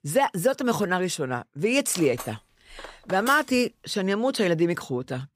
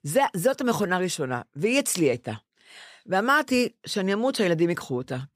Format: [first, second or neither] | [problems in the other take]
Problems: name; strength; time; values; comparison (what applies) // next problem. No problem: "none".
second | clattering dishes; faint; from 2 to 3.5 s; peak 10 dB below the speech